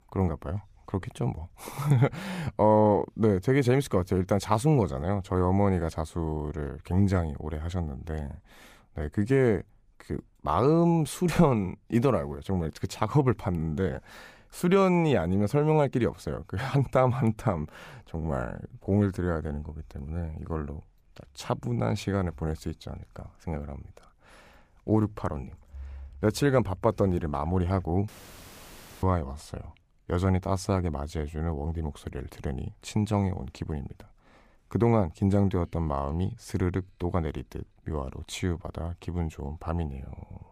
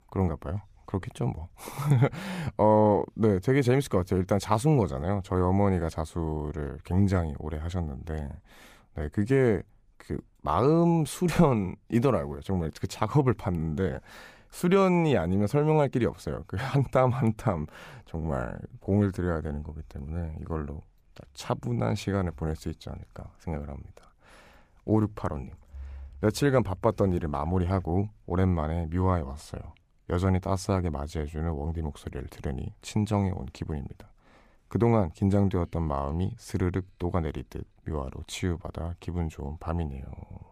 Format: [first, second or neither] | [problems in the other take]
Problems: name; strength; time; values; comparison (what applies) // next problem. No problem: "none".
second | audio cutting out; filled with static; at 28 s for 1 s